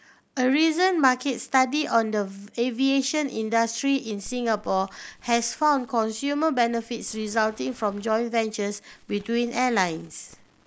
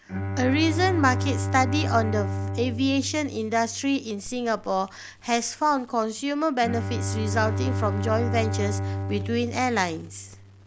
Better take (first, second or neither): first